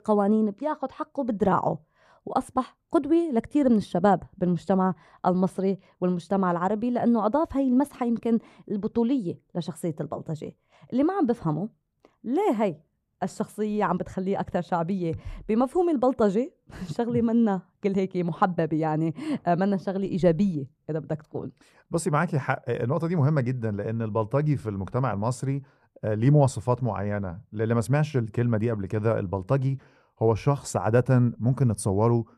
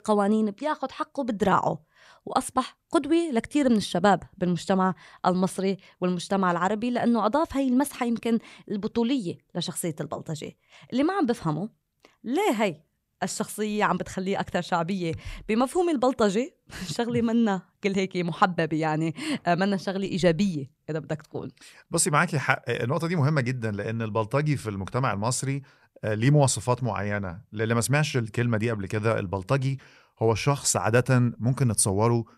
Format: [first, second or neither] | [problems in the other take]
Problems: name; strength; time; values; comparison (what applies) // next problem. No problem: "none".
second | muffled; slightly; fading above 1.5 kHz